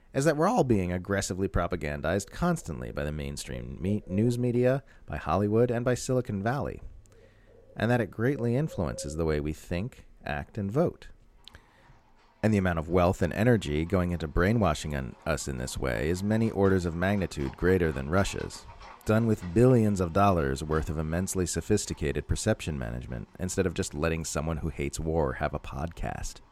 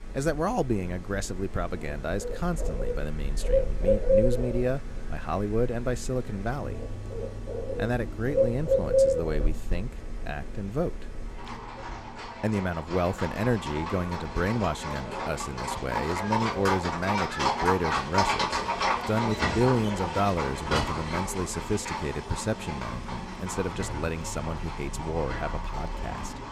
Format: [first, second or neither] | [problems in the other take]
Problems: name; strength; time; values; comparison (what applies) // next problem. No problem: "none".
first | animal sounds; loud; throughout; as loud as the speech; faint in the first